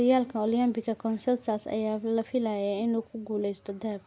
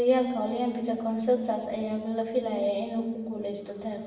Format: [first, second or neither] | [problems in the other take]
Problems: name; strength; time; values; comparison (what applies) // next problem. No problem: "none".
first | room echo; dies away in 1 s